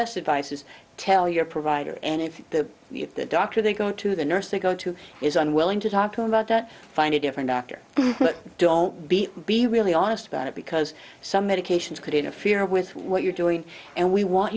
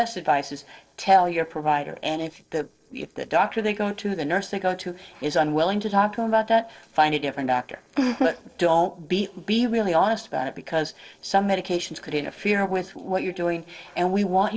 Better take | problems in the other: first | noise reduction (neural separator model SepFormer DNS4)

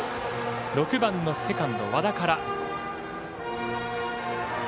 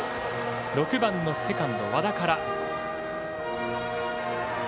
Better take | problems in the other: first | background sound (Wind instrument, woodwind instrument); 7 dB below the speech

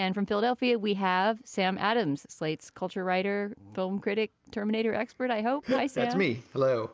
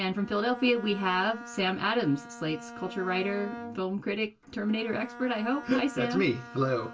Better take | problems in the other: first | background sound (Bowed string instrument); 15 dB below the speech // room echo; dies away in 0.1 s

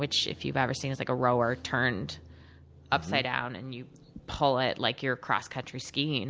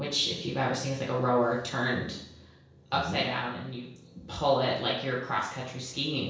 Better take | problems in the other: first | room echo; dies away in 0.7 s

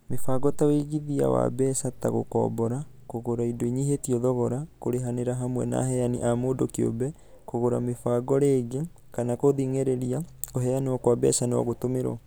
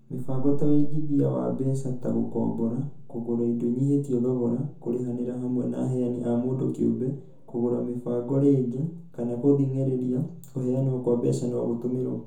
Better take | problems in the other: first | room echo; dies away in 0.7 s

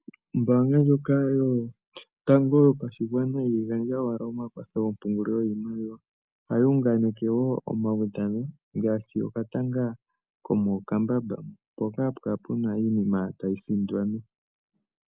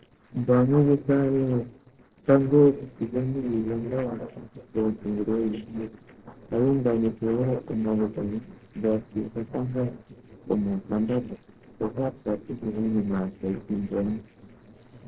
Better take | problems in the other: first | noise reduction (neural separator model SepFormer DNS4)

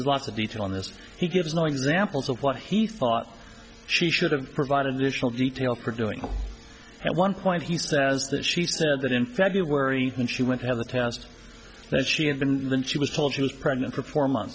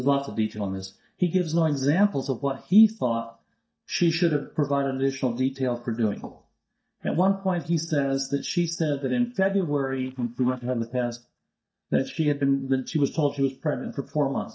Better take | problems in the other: first | noise reduction (neural mask model DeepFilterNet 3)

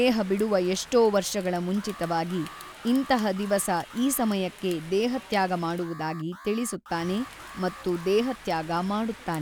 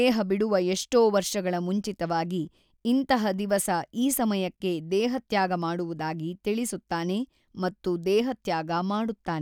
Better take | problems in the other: second | background sound (Alarm + Rain); 17 dB below the speech

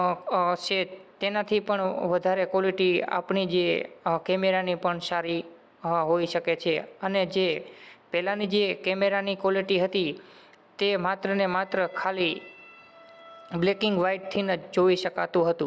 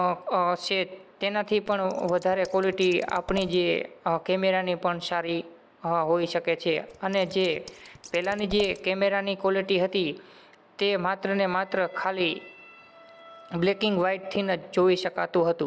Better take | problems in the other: first | background sound (Scissors); 18 dB below the speech

